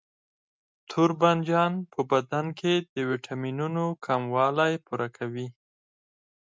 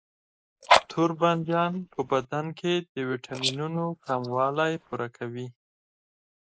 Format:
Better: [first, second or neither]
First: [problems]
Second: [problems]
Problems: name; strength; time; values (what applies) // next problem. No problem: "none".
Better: first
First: none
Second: noise reduction (neural mask model Resemble Enhance denoiser)